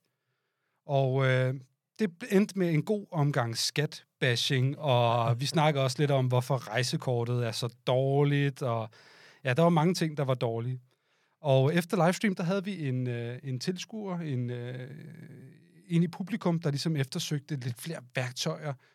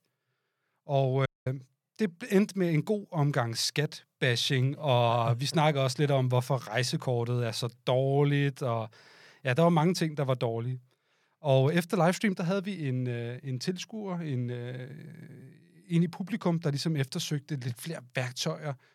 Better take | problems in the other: first | audio cutting out; at 1.5 s

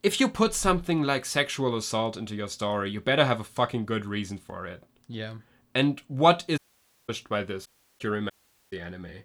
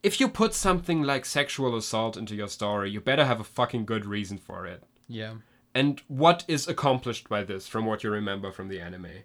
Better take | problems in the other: second | audio cutting out; at 6.5 s for 0.5 s, at 7.5 s and at 8.5 s

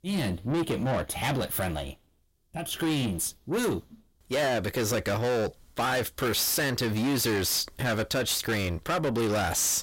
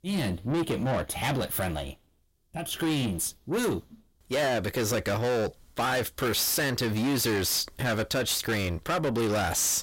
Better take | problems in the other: neither | distortion; heavy; 7 dB below the speech; the same in both

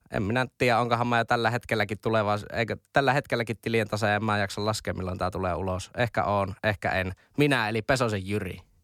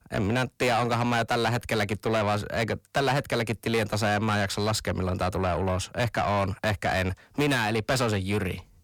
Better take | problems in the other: first | distortion; heavy; 8 dB below the speech

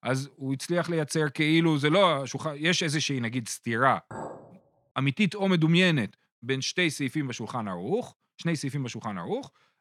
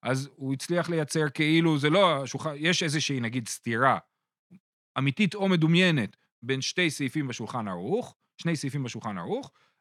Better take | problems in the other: second | clattering dishes; faint; at 4 s; peak 15 dB below the speech

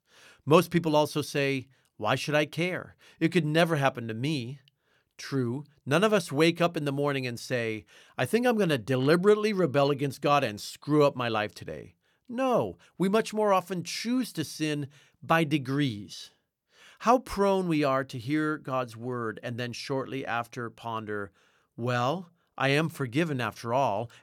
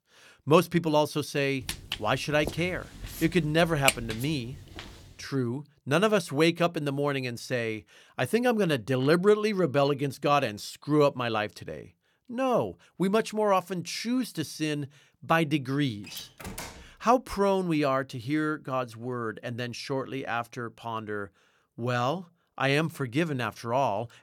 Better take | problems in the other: first | footsteps; loud; from 1.5 to 4 s; peak 1 dB above the speech // door banging; faint; at 16 s; peak 10 dB below the speech

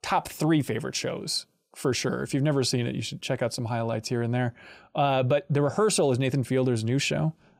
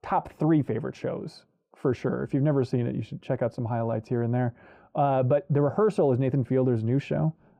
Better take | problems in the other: first | muffled; very; fading above 2.5 kHz

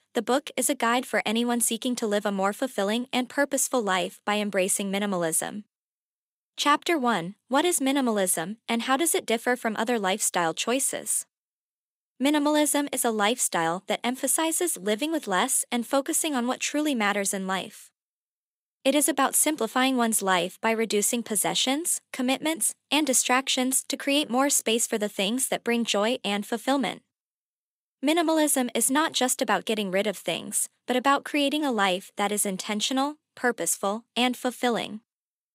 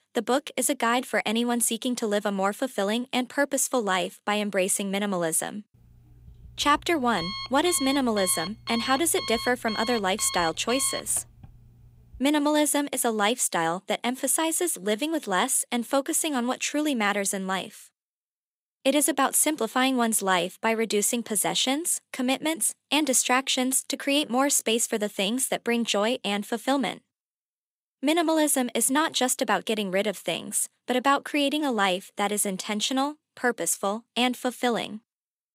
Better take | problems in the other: first | alarm; noticeable; from 6 to 12 s; peak 7 dB below the speech

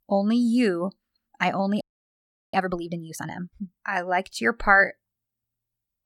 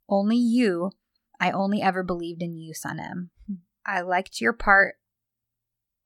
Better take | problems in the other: second | audio freezing; at 2 s for 0.5 s

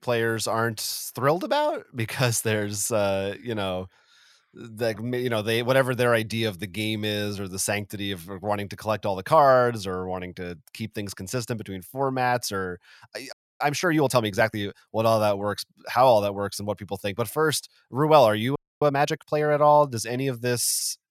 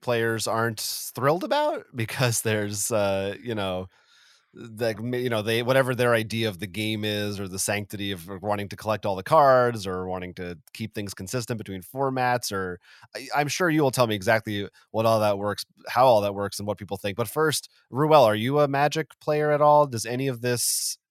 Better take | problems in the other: second | audio freezing; at 13 s and at 19 s

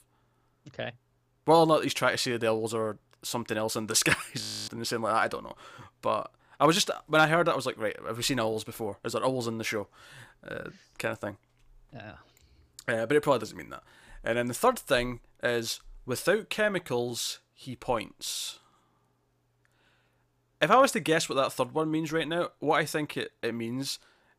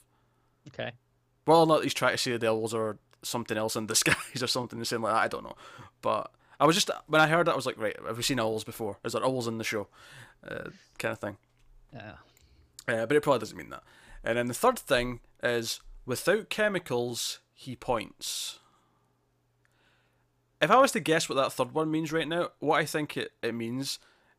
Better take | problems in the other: second | audio freezing; at 4.5 s

